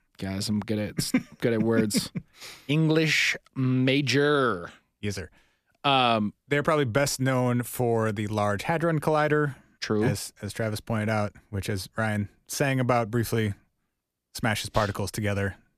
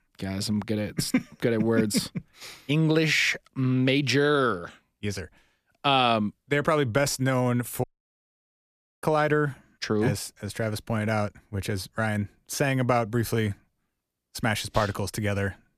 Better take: first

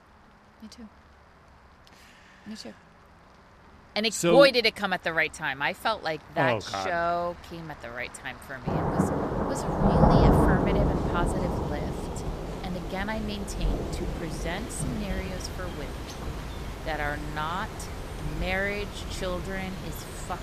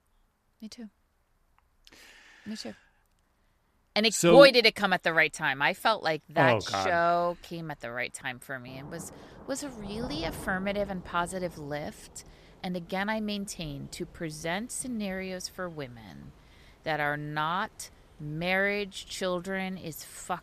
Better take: second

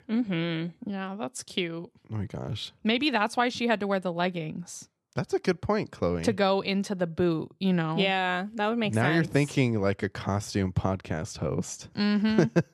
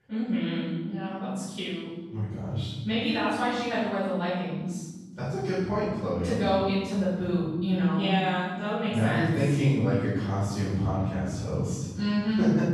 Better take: first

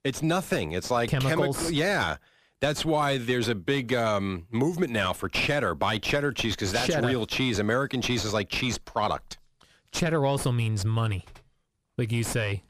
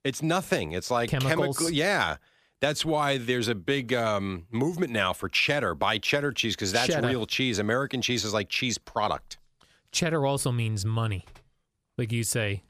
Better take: second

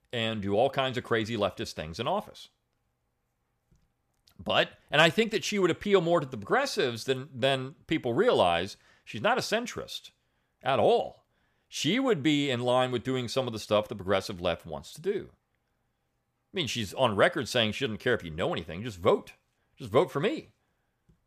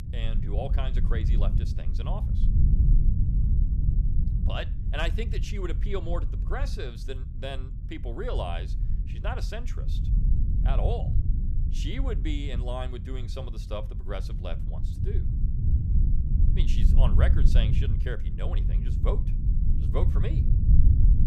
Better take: first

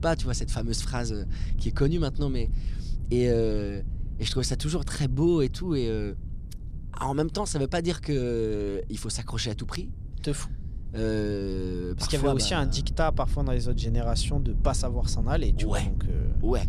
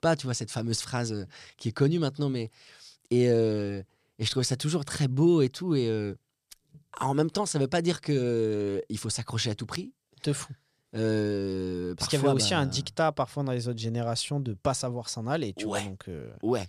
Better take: second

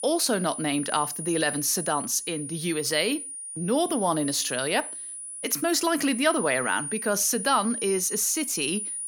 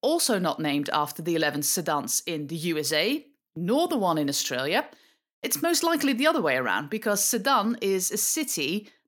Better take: second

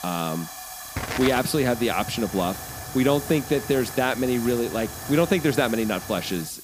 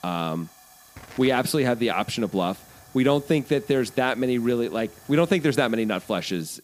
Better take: second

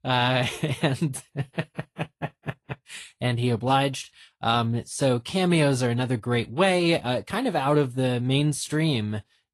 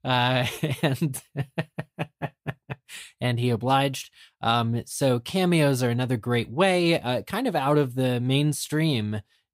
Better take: second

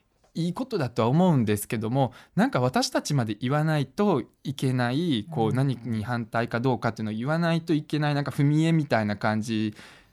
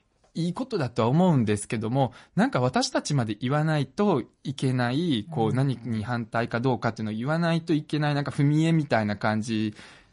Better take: first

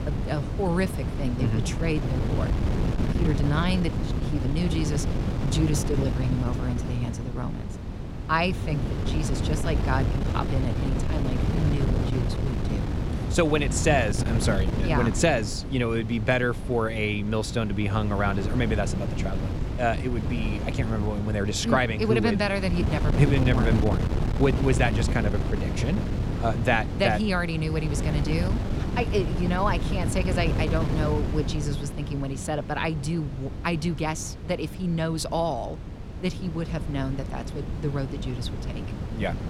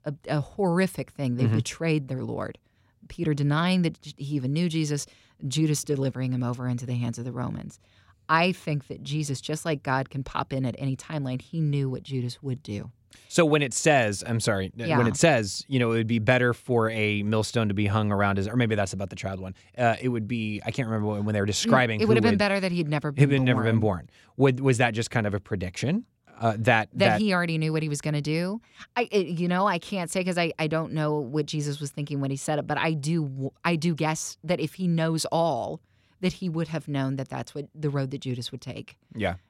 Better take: second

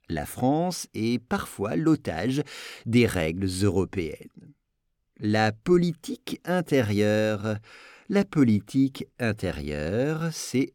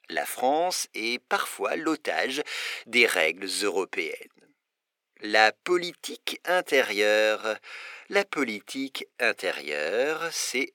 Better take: first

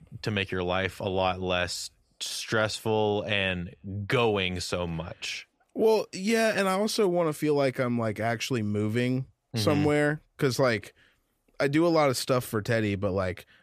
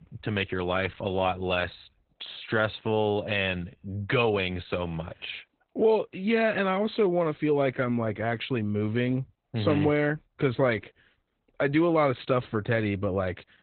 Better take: first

